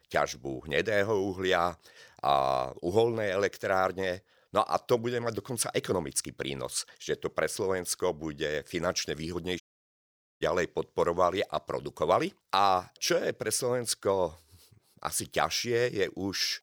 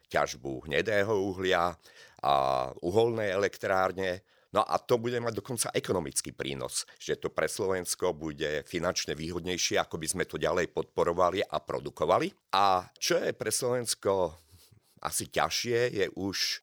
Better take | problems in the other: second | audio cutting out; at 9.5 s for 1 s

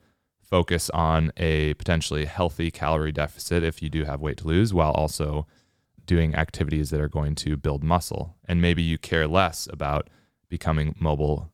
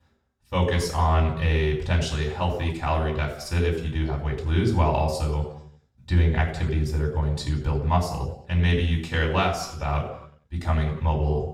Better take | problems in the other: first | room echo; noticeable; dies away in 0.7 s // off-mic speech; far

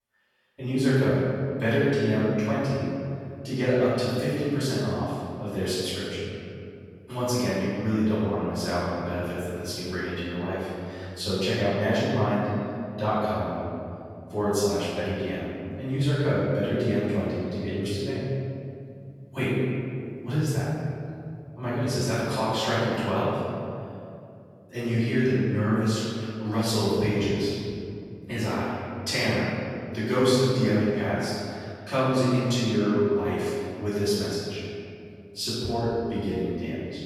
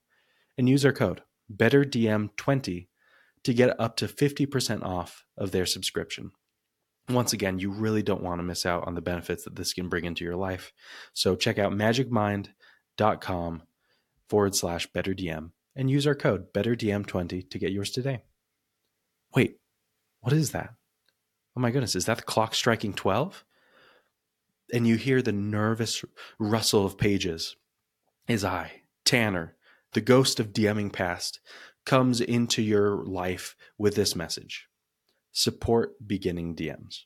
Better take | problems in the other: second | off-mic speech; far // room echo; strong; dies away in 2.5 s

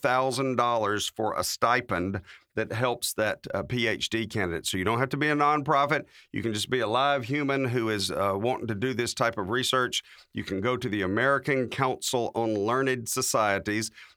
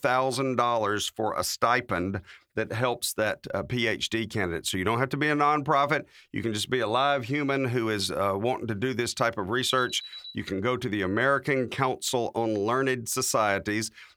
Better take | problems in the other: first | alarm; faint; at 9.5 s; peak 10 dB below the speech

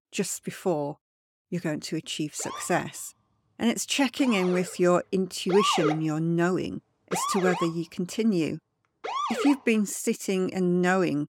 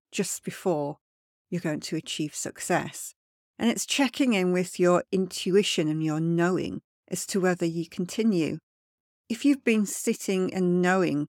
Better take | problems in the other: second | siren; loud; from 2.5 to 9.5 s; peak 1 dB above the speech

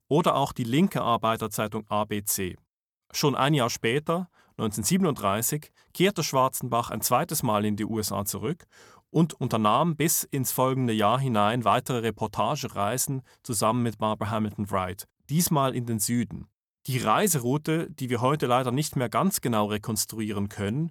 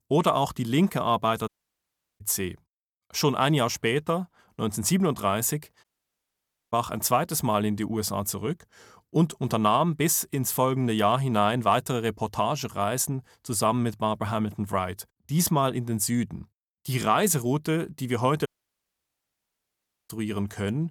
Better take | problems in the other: first | audio cutting out; at 1.5 s for 0.5 s, at 6 s for 1 s and at 18 s for 1.5 s

